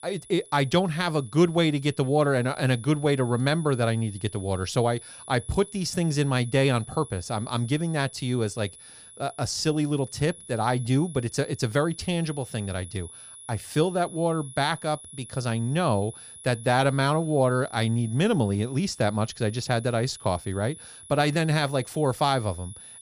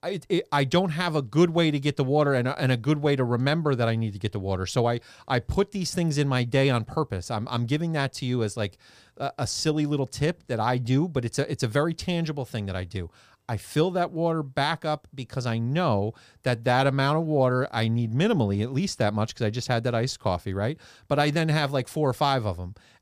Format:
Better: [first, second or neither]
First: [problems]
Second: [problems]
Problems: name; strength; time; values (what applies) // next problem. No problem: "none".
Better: second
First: high-pitched whine; noticeable; throughout; 10.5 kHz, 15 dB below the speech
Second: none